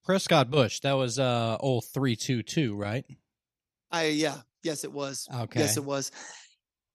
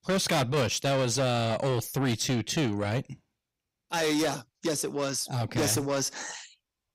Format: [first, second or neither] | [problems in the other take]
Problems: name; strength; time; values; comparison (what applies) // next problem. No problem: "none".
first | distortion; heavy; 6 dB below the speech